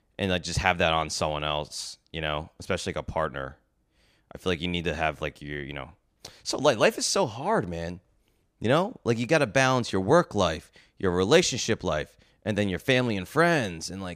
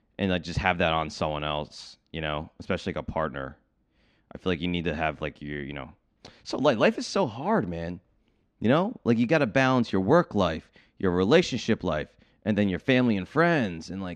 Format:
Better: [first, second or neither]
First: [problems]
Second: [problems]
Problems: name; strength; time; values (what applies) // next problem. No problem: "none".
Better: first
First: none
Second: muffled; very slightly; fading above 3.5 kHz